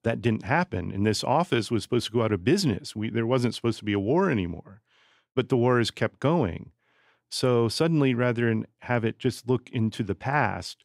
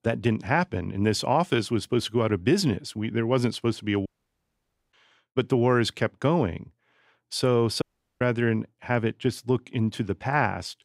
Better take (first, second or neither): first